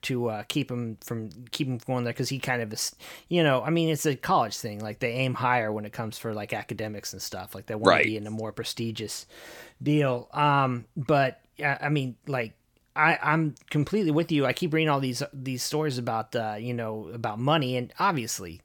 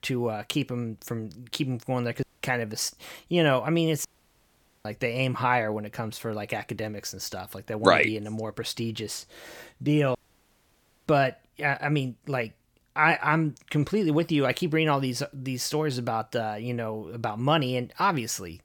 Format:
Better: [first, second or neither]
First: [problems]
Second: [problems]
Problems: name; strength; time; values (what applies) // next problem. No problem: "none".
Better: first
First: none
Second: audio cutting out; at 2 s, at 4 s for 1 s and at 10 s for 1 s